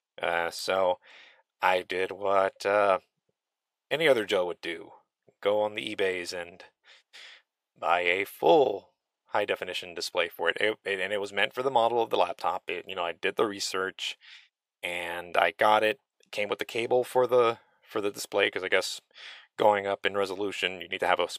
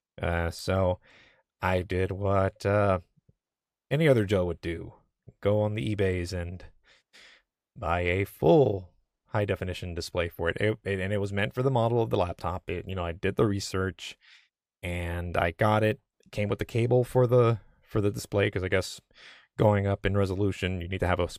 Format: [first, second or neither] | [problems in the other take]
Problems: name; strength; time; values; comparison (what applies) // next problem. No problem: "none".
second | thin; very; fading below 450 Hz